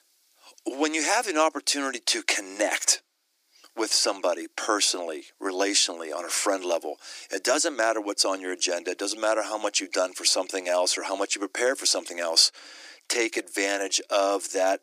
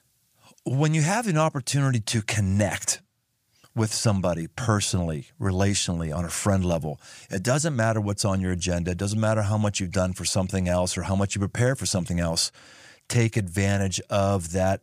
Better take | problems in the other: second | thin; very; fading below 300 Hz

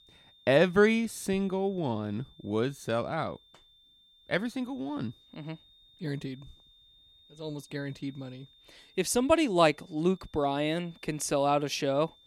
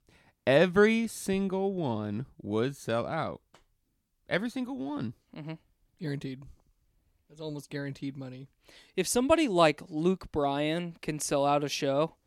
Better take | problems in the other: second | high-pitched whine; faint; throughout; 3.5 kHz, 30 dB below the speech

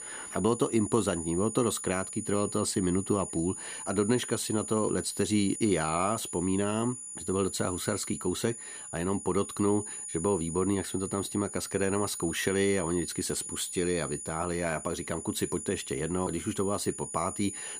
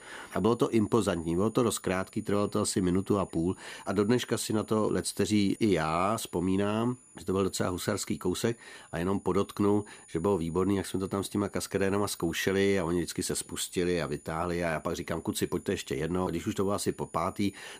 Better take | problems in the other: second | high-pitched whine; loud; throughout; 9.5 kHz, 7 dB below the speech; faint in the second

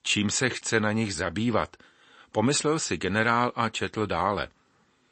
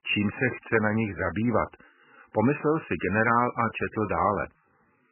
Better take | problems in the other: first | garbled, watery; badly; nothing above 3 kHz; slightly in the first

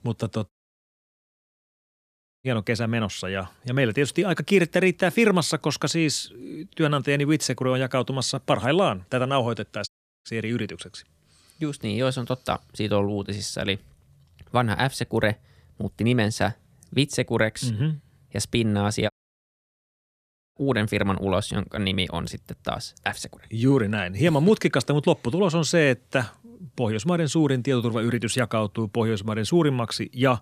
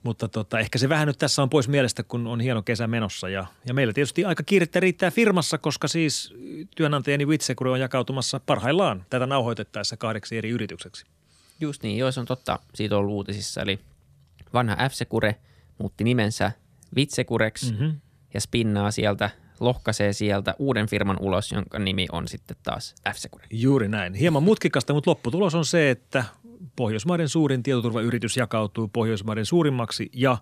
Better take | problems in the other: second | audio cutting out; at 0.5 s for 2 s, at 10 s and at 19 s for 1.5 s

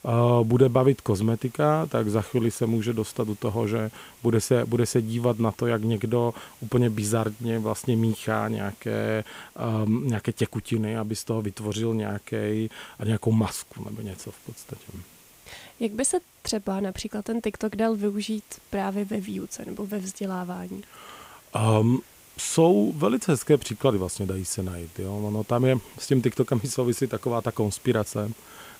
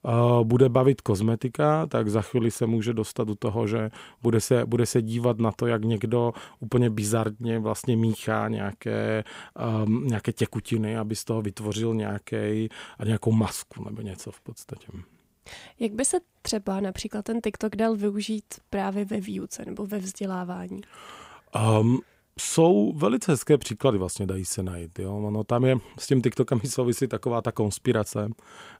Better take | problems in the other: second | hiss; faint; throughout; 25 dB below the speech

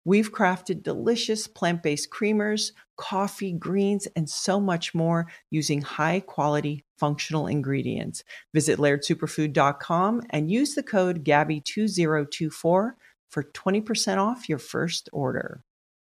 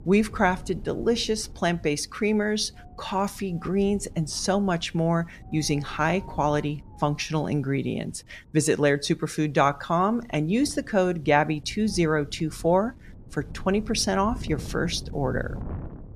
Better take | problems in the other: first | wind noise on the microphone; occasional gusts; 25 dB below the speech

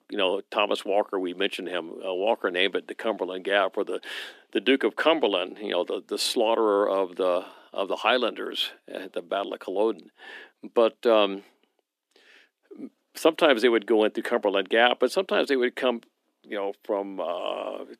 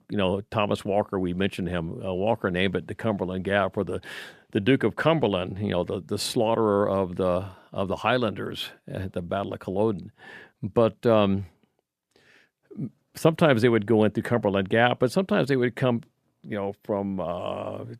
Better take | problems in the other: second | thin; somewhat; fading below 250 Hz

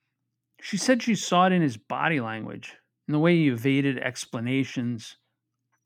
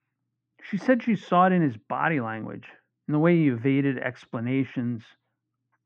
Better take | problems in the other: first | muffled; very; fading above 1.5 kHz

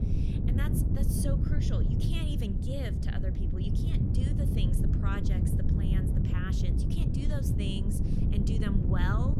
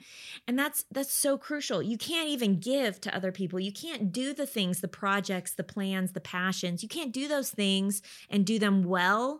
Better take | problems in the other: second | wind noise on the microphone; heavy; 1 dB above the speech

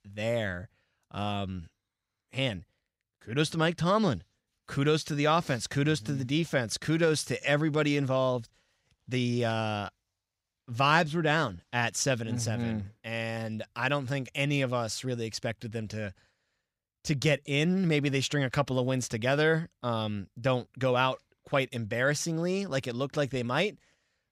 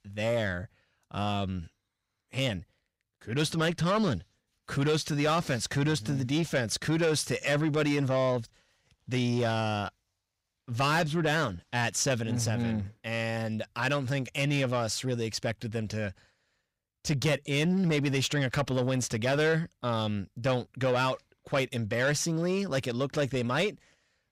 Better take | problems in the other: first | distortion; slight; 10 dB below the speech

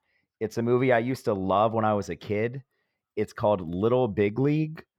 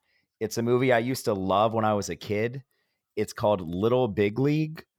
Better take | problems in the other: second | muffled; slightly; fading above 3.5 kHz

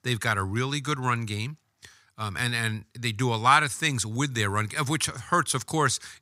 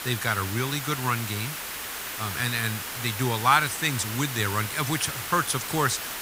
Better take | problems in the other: first | hiss; loud; throughout; 5 dB below the speech

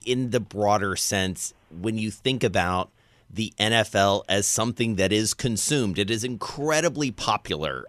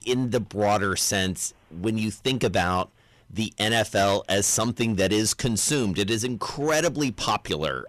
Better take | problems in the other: first | distortion; slight; 7% of the sound clipped

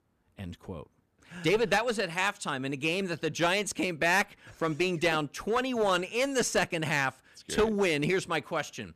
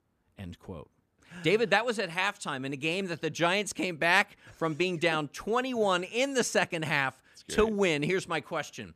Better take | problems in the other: second | distortion; slight; 4% of the sound clipped

